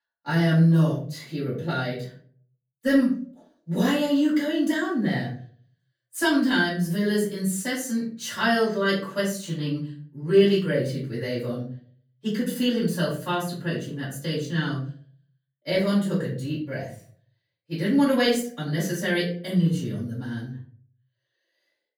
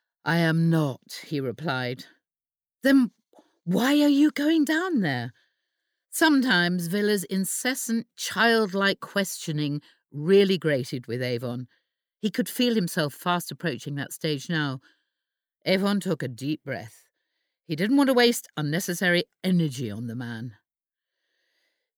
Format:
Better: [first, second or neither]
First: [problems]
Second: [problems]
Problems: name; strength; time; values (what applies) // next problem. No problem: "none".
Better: second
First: room echo; slight; dies away in 0.4 s // off-mic speech; far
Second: none